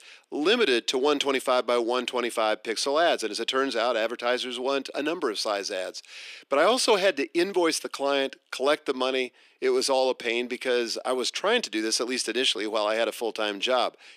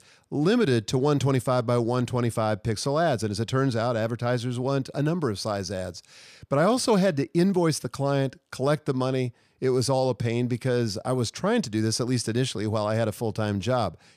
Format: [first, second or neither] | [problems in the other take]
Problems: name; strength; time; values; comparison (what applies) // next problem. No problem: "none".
second | thin; somewhat; fading below 300 Hz